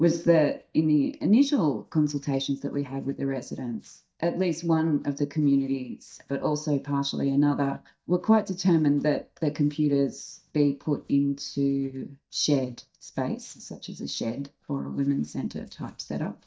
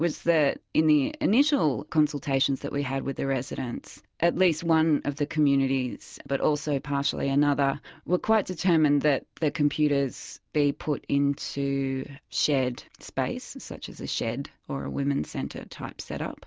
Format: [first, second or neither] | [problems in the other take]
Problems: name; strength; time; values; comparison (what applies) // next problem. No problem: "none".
second | noise reduction (neural mask model DeepFilterNet 3)